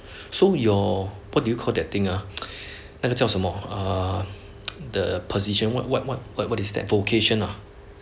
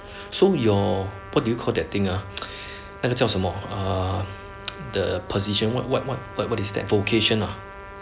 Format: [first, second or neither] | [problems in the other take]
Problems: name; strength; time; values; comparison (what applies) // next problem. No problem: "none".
first | background sound (Trumpet); 17 dB below the speech